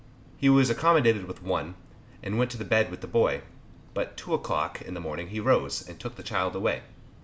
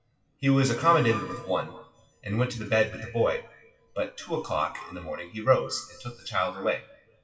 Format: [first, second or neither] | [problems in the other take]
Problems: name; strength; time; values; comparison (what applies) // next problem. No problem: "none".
first | noise reduction (classical method WPE with log-MMSE)